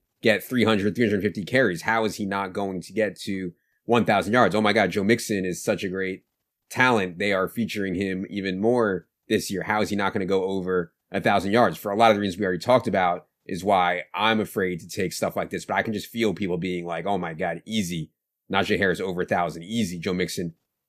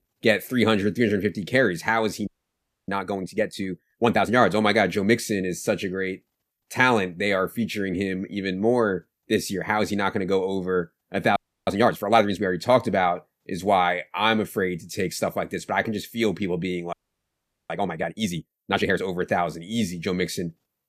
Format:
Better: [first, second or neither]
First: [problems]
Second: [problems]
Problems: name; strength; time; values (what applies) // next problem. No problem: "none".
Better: first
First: none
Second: audio freezing; at 2.5 s for 0.5 s, at 11 s and at 17 s for 1 s